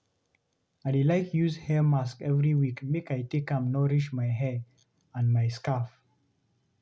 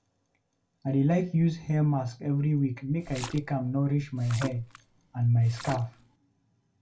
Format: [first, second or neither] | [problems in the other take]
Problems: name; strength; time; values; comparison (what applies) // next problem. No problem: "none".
first | background sound (Splash, splatter); 15 dB below the speech // room echo; dies away in 0.2 s